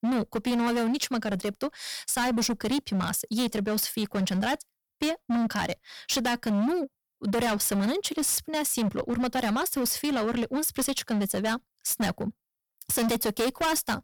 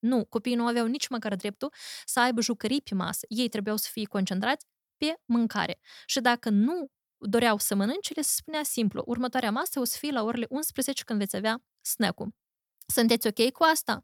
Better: second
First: distortion; heavy; 21% of the sound clipped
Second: none

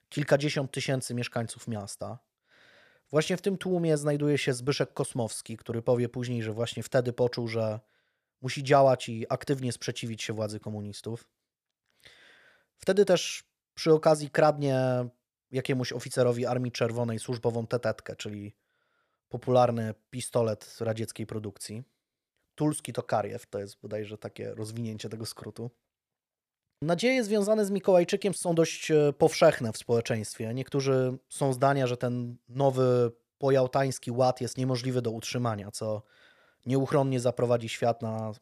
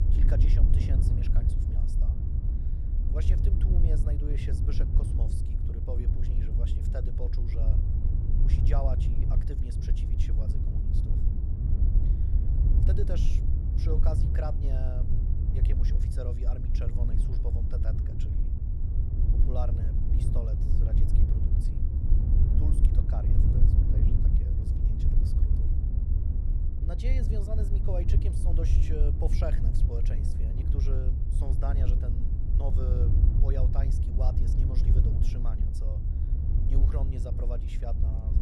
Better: first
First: none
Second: low rumble; loud; throughout; 1 dB below the speech

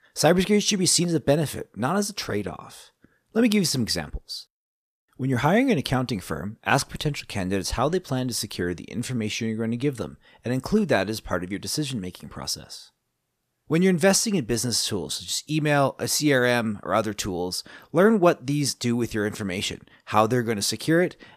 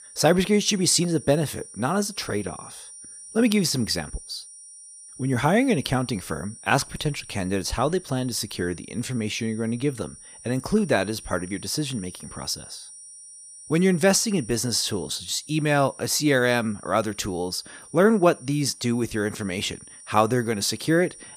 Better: first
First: none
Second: high-pitched whine; noticeable; throughout; 9 kHz, 15 dB below the speech

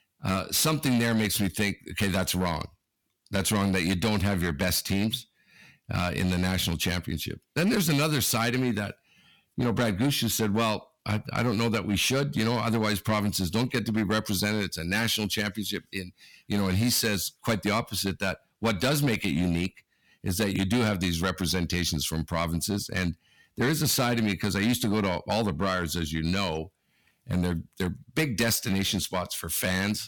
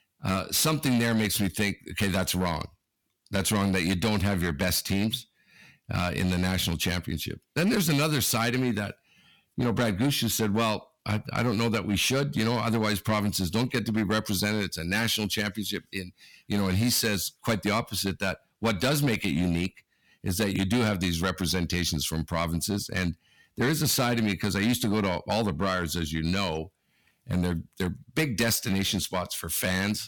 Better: neither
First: distortion; slight; 7% of the sound clipped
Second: distortion; slight; 7% of the sound clipped

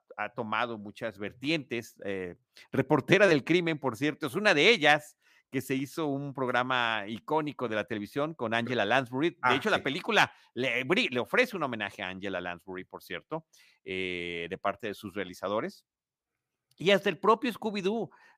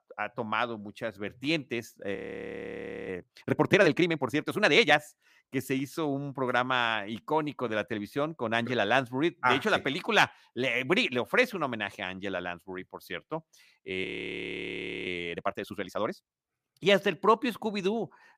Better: first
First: none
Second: audio freezing; at 2 s for 1 s and at 14 s for 1 s

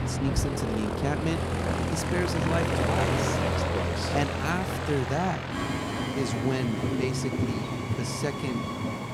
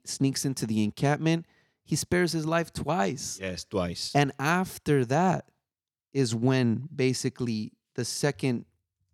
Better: second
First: train or aircraft noise; very loud; throughout; 3 dB above the speech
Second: none

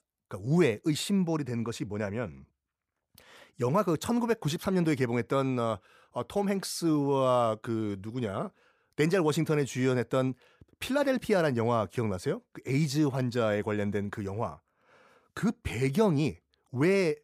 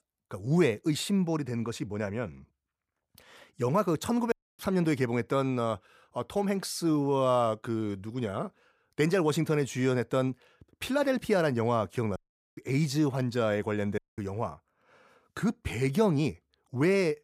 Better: first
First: none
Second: audio cutting out; at 4.5 s, at 12 s and at 14 s

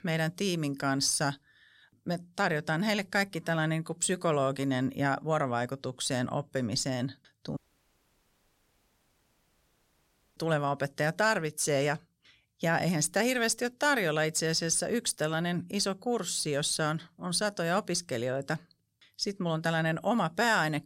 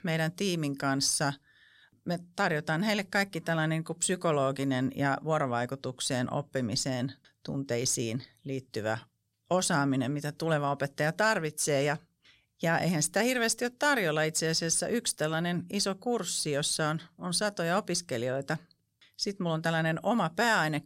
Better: second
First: audio cutting out; at 7.5 s for 3 s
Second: none

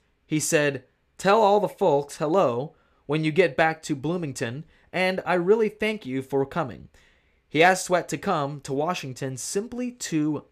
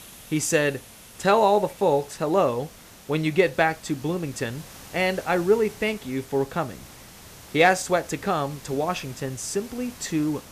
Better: first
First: none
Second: hiss; noticeable; throughout; 20 dB below the speech

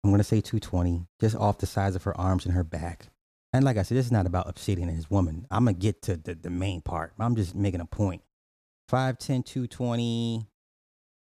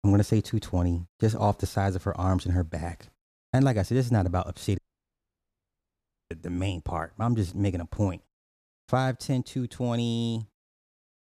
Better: first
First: none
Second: audio cutting out; at 5 s for 1.5 s

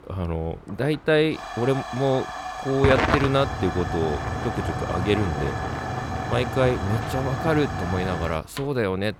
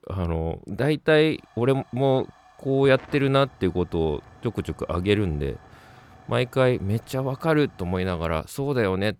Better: second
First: hiss; loud; throughout; 3 dB below the speech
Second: hiss; faint; throughout; 25 dB below the speech

